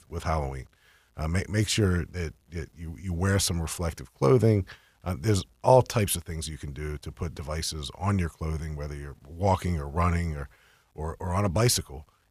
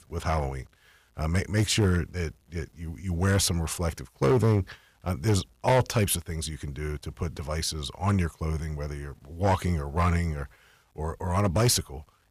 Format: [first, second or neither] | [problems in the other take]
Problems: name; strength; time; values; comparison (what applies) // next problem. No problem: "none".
first | distortion; slight; 2% of the sound clipped